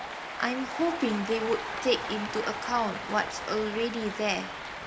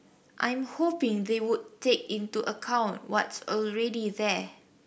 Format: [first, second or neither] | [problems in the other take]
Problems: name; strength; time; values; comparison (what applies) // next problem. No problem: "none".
second | background sound (Cheering); 6 dB below the speech